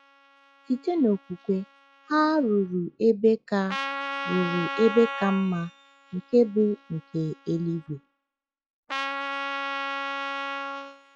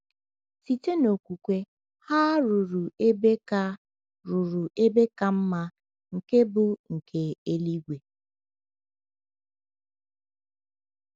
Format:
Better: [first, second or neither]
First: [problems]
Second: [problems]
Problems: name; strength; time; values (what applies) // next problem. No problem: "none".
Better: second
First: noise reduction (classical method log-MMSE)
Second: none